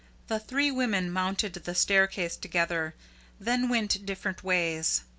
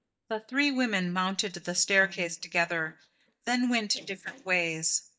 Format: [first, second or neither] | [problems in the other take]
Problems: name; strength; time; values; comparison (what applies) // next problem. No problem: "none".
first | noise reduction (neural mask model DeepFilterNet 3)